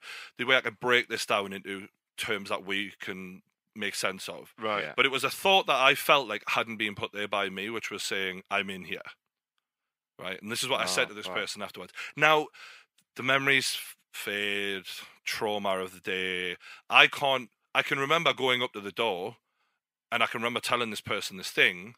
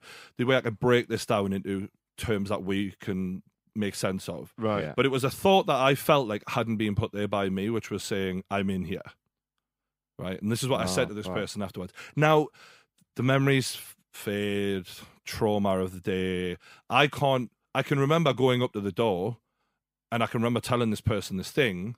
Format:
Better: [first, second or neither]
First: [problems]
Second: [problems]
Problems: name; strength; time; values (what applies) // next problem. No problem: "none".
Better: second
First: thin; somewhat; fading below 750 Hz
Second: none